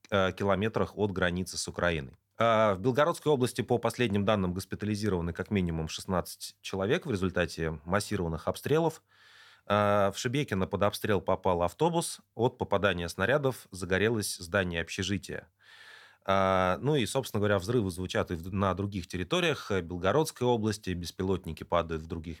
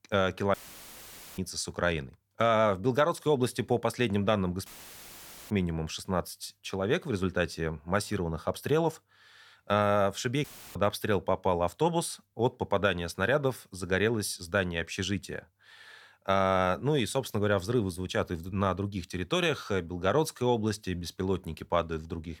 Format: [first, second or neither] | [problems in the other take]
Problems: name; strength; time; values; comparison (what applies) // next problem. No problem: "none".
first | audio cutting out; filled with static; at 0.5 s for 1 s, at 4.5 s for 1 s and at 10 s